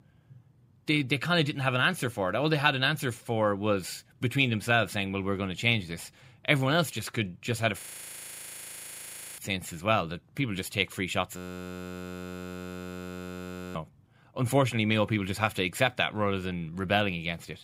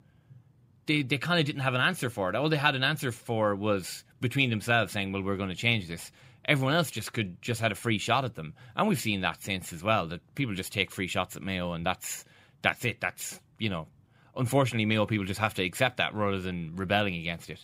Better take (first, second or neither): second